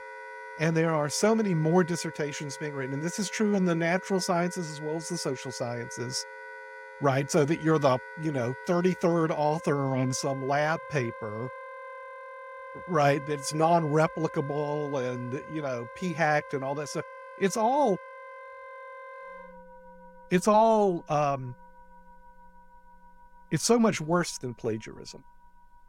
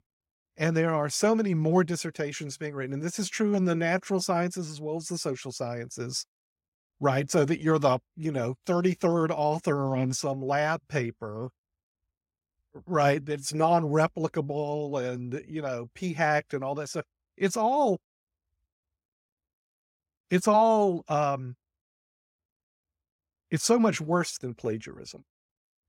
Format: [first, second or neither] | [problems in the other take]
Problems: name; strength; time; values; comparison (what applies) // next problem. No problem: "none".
second | background music; noticeable; throughout; 15 dB below the speech